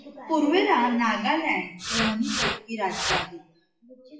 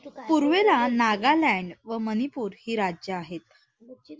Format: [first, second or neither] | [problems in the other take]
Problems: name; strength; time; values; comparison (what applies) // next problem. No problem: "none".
second | noise reduction (classical method WPE with log-MMSE)